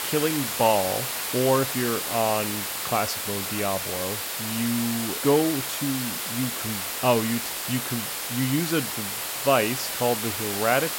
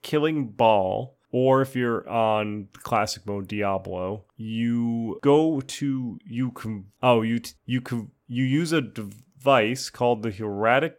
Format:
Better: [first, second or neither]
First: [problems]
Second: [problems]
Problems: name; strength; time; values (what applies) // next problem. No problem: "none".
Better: second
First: hiss; loud; throughout; 1 dB below the speech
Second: none